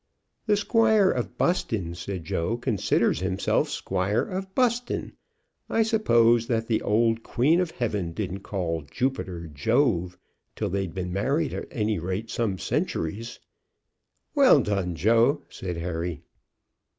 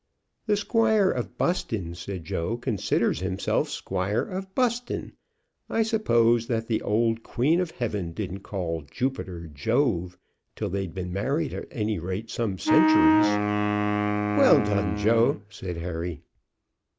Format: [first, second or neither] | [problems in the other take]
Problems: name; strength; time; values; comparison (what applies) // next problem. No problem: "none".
first | background sound (Wind instrument, woodwind instrument); 2 dB above the speech